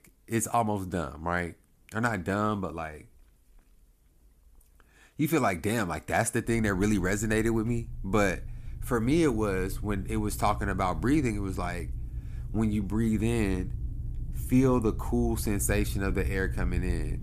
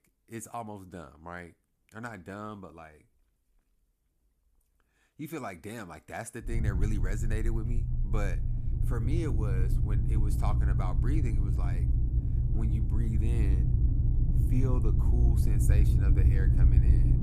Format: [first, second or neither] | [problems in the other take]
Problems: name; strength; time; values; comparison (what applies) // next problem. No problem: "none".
first | low rumble; loud; from 6.5 s on; 1 dB below the speech; faint in the first